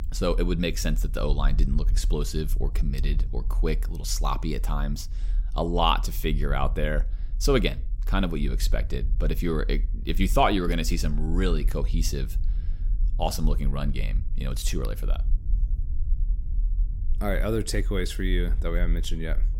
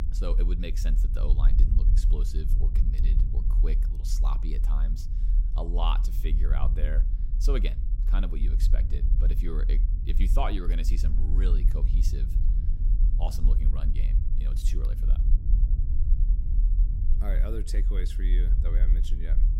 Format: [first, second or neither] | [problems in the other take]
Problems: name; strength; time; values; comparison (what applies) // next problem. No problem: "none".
first | low rumble; loud; throughout; 8 dB below the speech; faint in the first